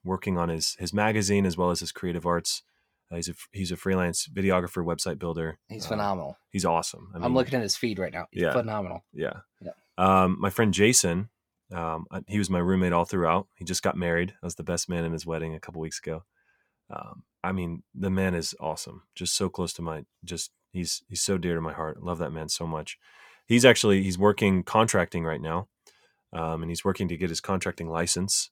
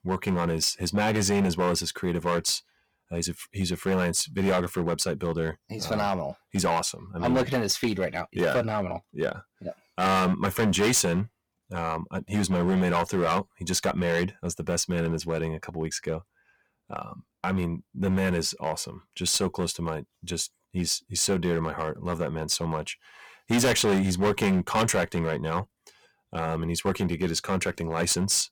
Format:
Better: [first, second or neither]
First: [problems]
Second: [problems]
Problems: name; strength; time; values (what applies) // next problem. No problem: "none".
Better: first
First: none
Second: distortion; heavy; 7% of the sound clipped